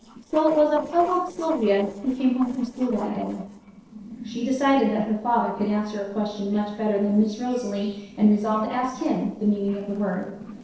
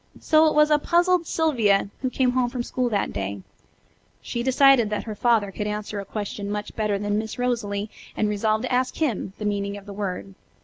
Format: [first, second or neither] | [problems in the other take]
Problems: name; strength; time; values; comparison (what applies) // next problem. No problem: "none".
second | noise reduction (neural separator model SepFormer DNS4)